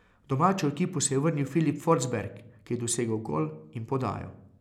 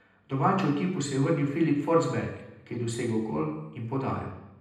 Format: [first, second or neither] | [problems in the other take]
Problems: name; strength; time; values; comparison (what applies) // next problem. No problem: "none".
first | room echo; dies away in 0.8 s